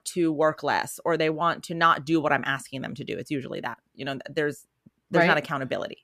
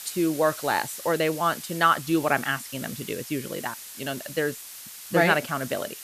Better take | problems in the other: first | hiss; noticeable; throughout; 10 dB below the speech

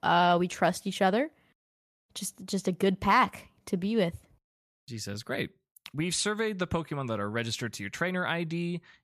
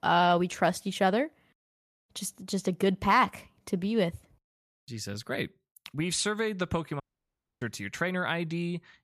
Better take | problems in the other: first | audio cutting out; at 7 s for 0.5 s

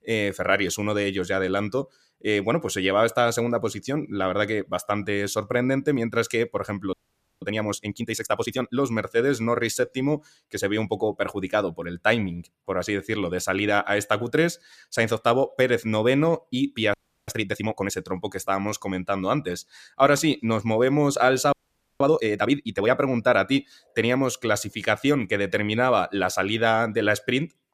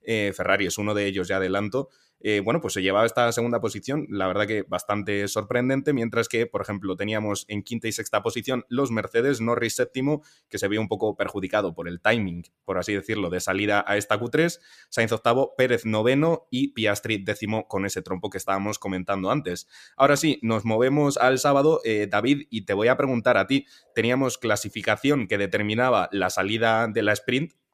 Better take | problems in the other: second | audio freezing; at 7 s, at 17 s and at 22 s

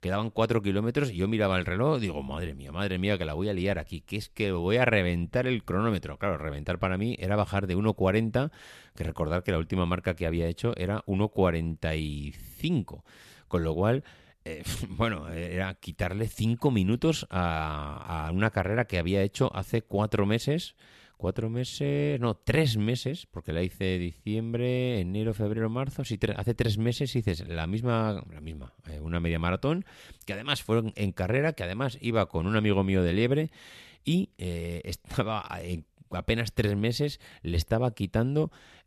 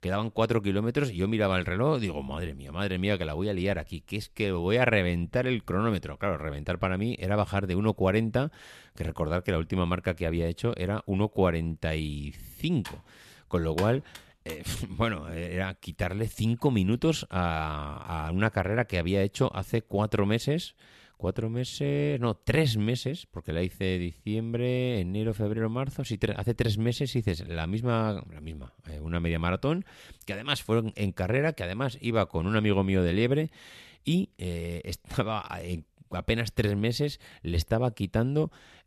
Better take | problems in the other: first | keyboard typing; faint; from 13 to 15 s; peak 10 dB below the speech

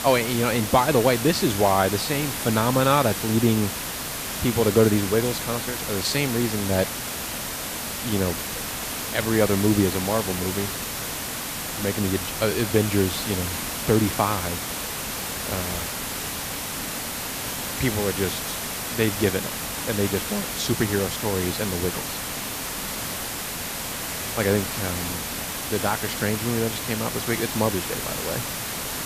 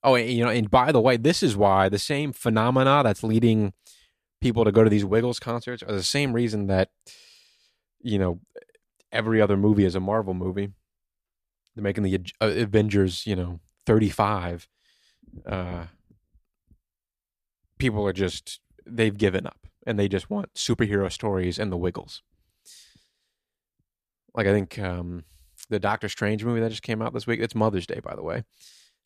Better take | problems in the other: second | hiss; loud; throughout; 3 dB below the speech

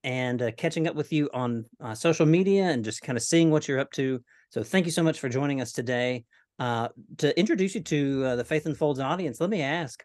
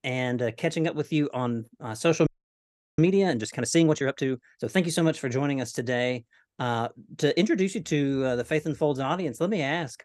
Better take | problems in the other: first | audio freezing; at 2.5 s for 0.5 s

